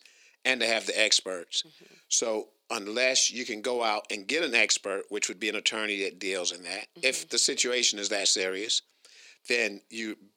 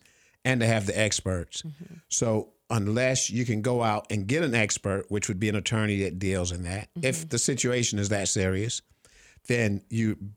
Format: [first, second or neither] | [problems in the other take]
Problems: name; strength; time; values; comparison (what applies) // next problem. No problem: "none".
second | thin; somewhat; fading below 300 Hz